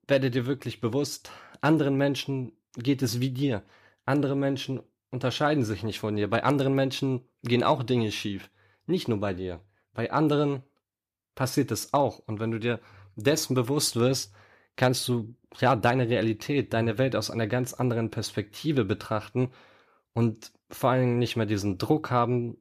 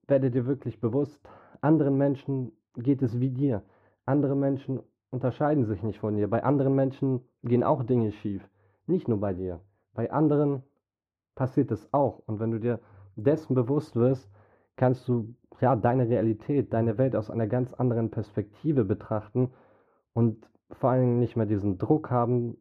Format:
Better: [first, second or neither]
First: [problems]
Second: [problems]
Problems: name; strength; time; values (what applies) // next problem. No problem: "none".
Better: first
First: none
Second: muffled; very; fading above 2 kHz